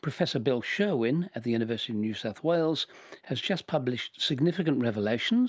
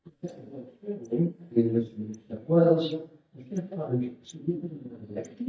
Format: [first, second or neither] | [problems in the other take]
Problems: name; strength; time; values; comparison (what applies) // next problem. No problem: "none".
first | noise reduction (neural mask model DeepFilterNet 3)